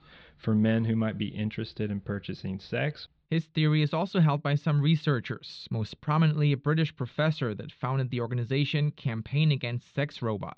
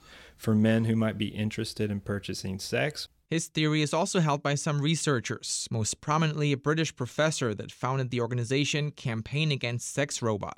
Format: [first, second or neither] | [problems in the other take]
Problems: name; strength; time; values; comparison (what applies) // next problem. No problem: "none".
second | muffled; slightly; fading above 4 kHz